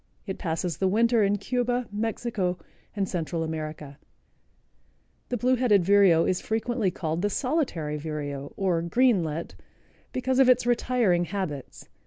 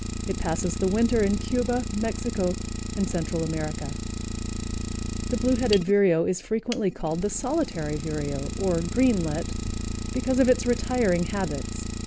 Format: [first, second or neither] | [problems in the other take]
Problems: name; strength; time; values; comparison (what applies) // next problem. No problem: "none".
first | background sound (Idling); 5 dB below the speech